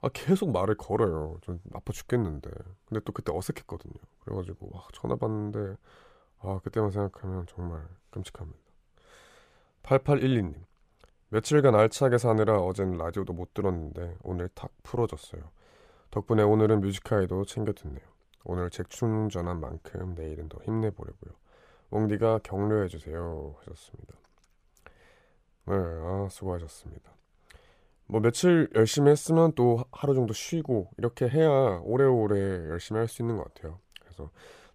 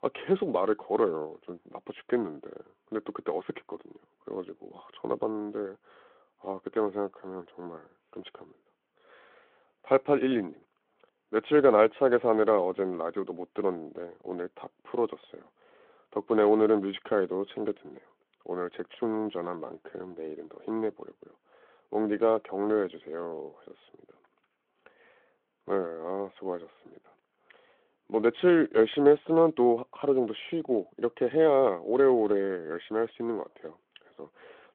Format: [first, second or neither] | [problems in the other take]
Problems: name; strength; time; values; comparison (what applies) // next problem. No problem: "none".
first | phone-call audio